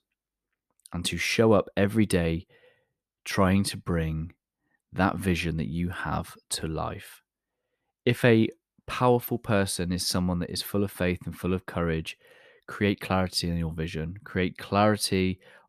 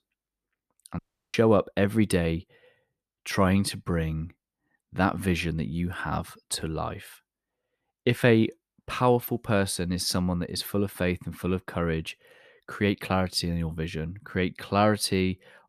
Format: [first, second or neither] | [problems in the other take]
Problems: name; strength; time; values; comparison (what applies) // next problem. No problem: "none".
first | audio cutting out; at 1 s